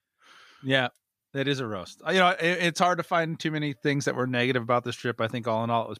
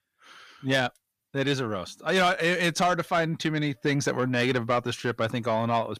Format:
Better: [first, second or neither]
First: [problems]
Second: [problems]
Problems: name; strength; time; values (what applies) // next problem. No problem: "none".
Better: first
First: none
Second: distortion; slight; 10 dB below the speech